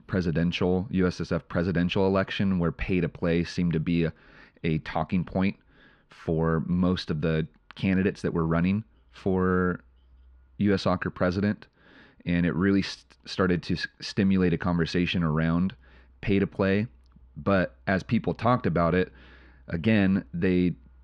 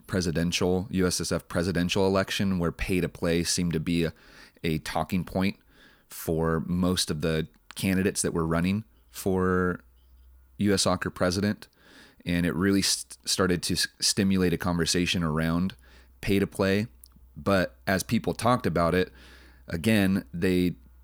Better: second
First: muffled; slightly; fading above 3.5 kHz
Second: none

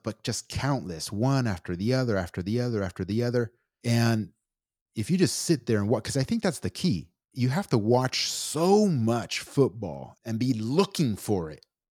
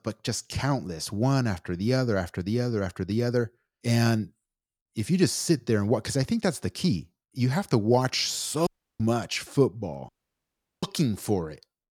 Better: first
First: none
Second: audio cutting out; at 8.5 s and at 10 s for 0.5 s

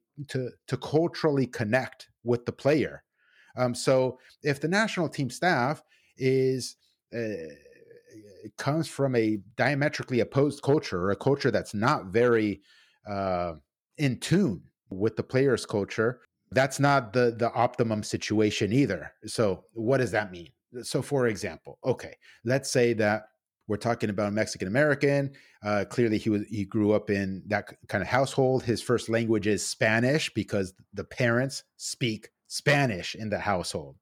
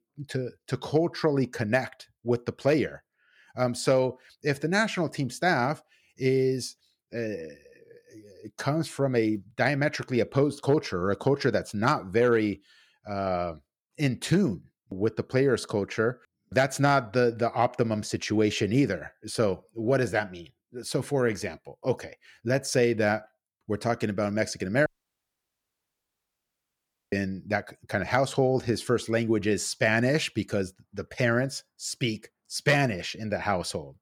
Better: first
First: none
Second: audio cutting out; at 25 s for 2.5 s

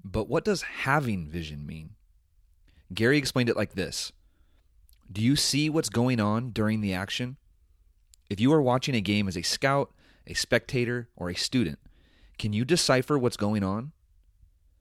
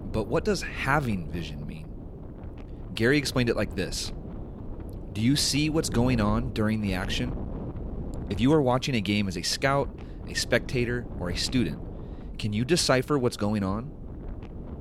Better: first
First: none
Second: wind noise on the microphone; occasional gusts; 20 dB below the speech

